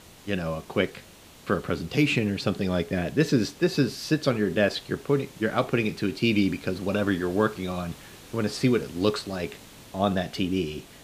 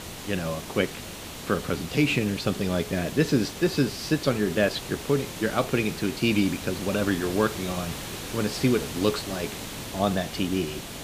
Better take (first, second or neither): first